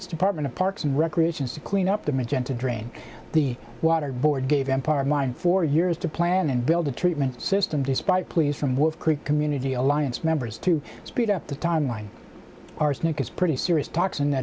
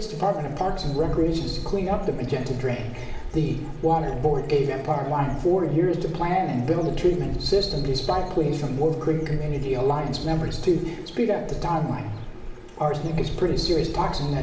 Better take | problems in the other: first | background sound (Bird / Dog); 9 dB below the speech // room echo; dies away in 1.1 s

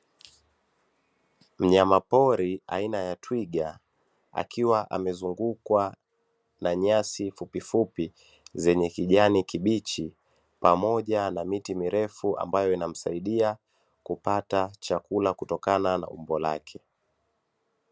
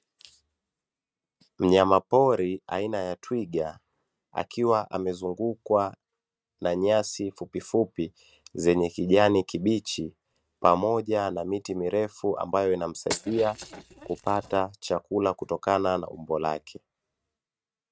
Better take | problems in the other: first | noise reduction (neural mask model RNNoise)

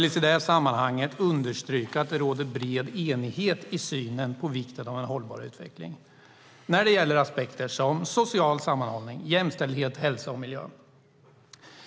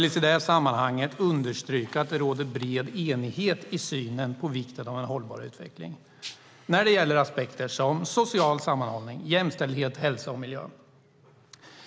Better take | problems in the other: first | background sound (Rattle (instrument)); 15 dB below the speech

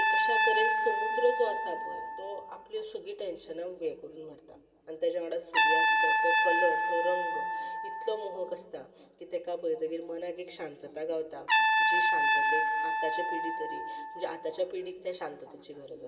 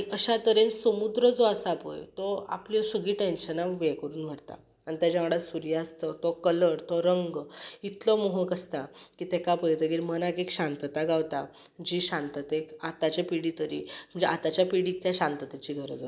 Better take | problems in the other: second | background sound (Trumpet); 5 dB above the speech // room echo; dies away in 2.6 s

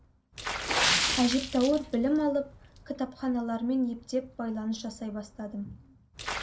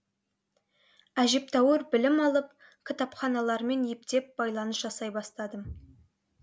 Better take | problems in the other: second | background sound (Water / Splash, splatter); 4 dB below the speech // room echo; dies away in 0.3 s

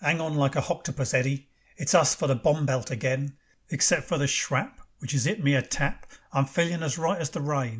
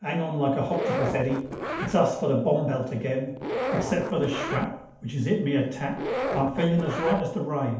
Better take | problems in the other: first | background sound (Zipper (clothing)); 6 dB below the speech // room echo; dies away in 2.2 s

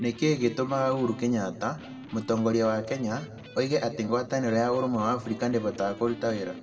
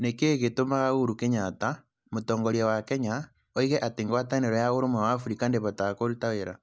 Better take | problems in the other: second | background sound (Electric guitar); 19 dB below the speech // room echo; dies away in 1.3 s

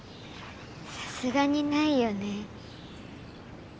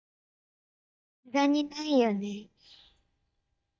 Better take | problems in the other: first | noise reduction (neural mask model DeepFilterNet 3)

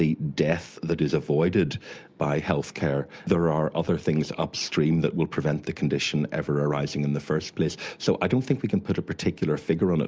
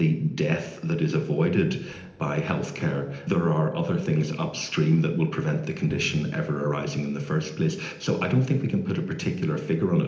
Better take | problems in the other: first | noise reduction (neural separator model SepFormer DNS4)

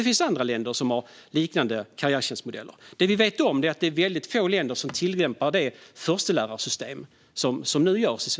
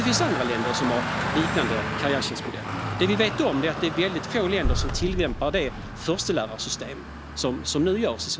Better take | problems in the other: first | background sound (Boom + Traffic noise, roadway noise); 3 dB below the speech

